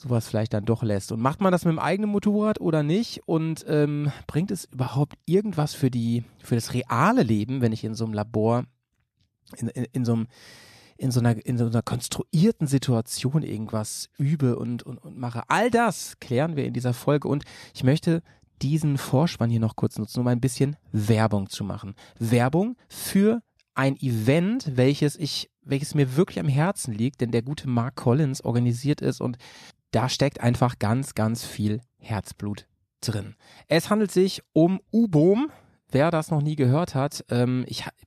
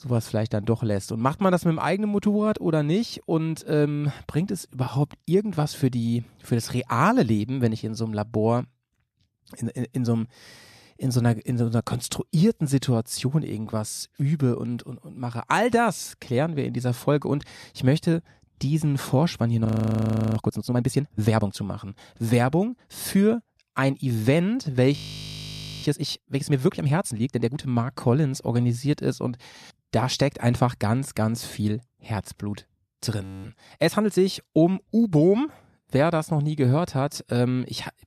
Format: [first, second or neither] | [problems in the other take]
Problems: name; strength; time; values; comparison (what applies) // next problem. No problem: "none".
first | audio freezing; at 20 s for 0.5 s, at 25 s for 1 s and at 33 s